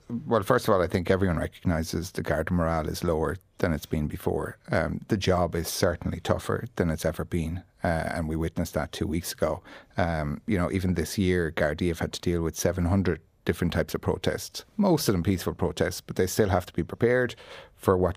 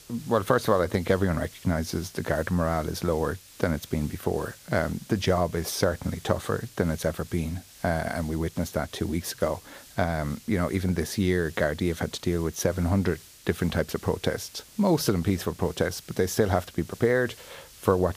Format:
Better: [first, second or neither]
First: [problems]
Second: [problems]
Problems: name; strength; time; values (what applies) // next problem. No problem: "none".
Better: first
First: none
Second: hiss; faint; throughout; 20 dB below the speech